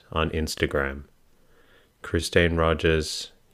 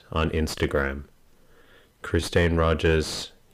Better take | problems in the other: first | distortion; slight; 10 dB below the speech

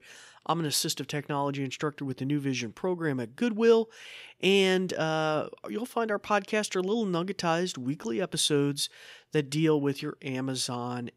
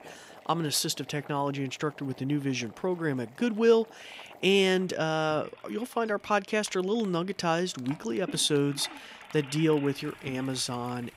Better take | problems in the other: first | household noises; noticeable; throughout; 20 dB below the speech

